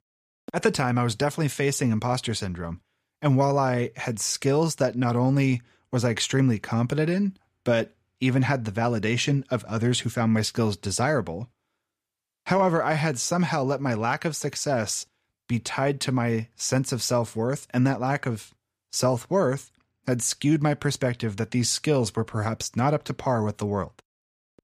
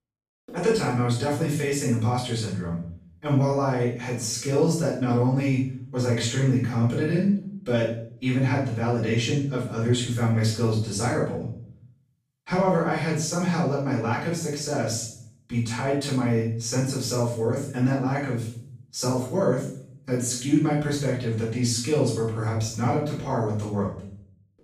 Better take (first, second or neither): first